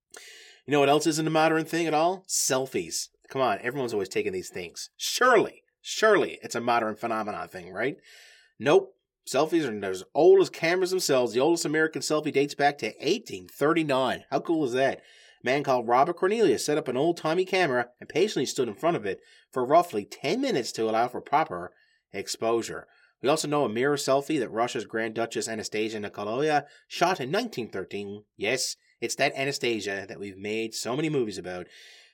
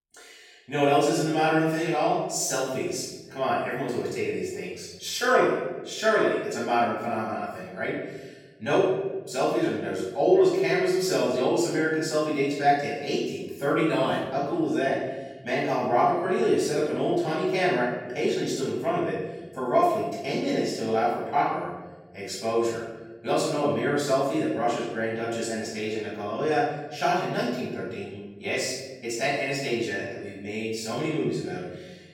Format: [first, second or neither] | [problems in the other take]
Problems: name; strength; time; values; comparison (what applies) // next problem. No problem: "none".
first | off-mic speech; far // room echo; noticeable; dies away in 1.1 s